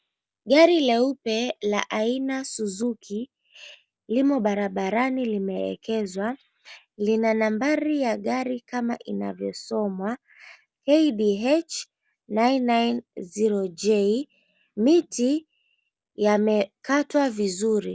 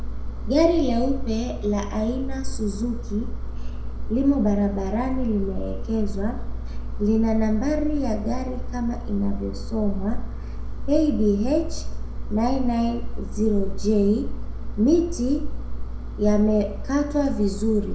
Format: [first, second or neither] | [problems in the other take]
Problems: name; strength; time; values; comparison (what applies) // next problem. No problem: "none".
first | background sound (Engine); 2 dB below the speech // room echo; dies away in 0.6 s